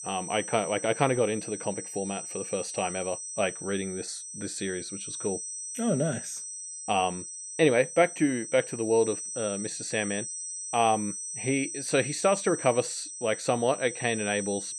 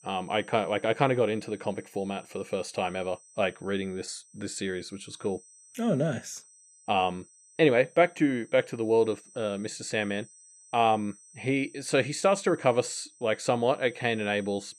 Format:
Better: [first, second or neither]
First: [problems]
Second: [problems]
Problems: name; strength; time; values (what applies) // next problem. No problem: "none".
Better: second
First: high-pitched whine; loud; throughout; 8 kHz, 7 dB below the speech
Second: high-pitched whine; faint; throughout; 8 kHz, 25 dB below the speech